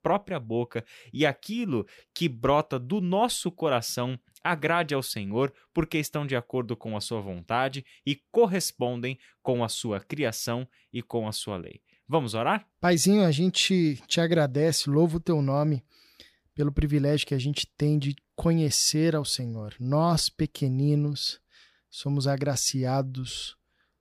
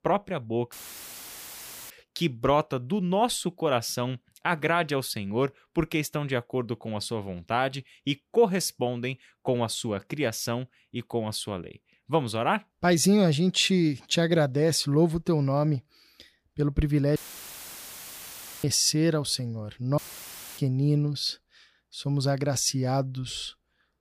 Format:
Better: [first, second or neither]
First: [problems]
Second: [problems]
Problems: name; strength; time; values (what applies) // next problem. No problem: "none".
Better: first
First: none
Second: audio cutting out; filled with static; at 0.5 s for 1 s, at 17 s for 1.5 s and at 20 s for 0.5 s